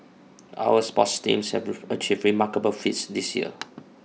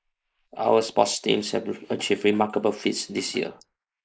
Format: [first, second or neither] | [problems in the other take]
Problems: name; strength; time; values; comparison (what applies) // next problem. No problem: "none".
first | noise reduction (neural mask model Resemble Enhance denoiser)